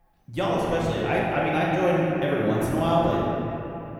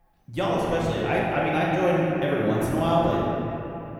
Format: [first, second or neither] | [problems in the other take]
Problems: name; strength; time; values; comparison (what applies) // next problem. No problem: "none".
neither | room echo; strong; dies away in 2.9 s; the same in both // off-mic speech; far; the same in both